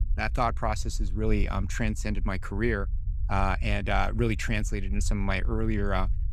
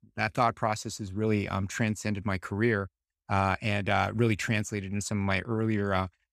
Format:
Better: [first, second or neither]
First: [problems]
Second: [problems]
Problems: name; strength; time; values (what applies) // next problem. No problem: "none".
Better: second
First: low rumble; faint; throughout; 25 dB below the speech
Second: none